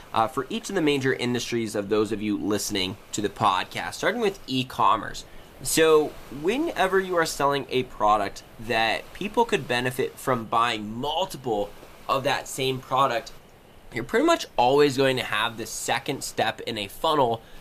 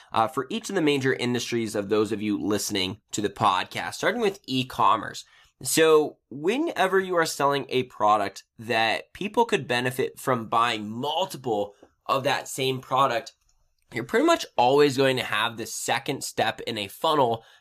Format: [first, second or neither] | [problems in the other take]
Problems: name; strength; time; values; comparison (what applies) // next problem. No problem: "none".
second | hiss; faint; throughout; 25 dB below the speech